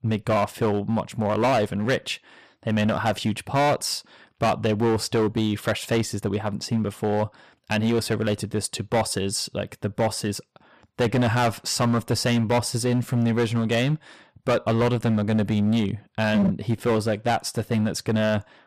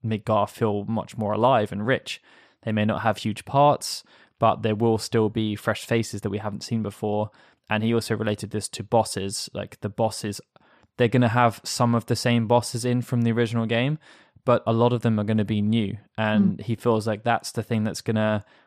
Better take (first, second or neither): second